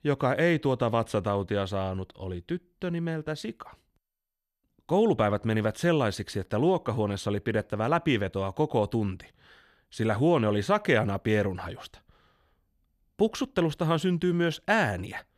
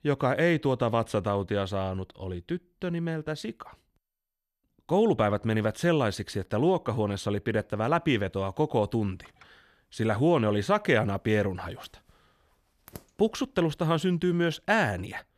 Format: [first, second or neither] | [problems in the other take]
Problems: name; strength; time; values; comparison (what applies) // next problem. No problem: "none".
first | household noises; faint; from 8 s on; 25 dB below the speech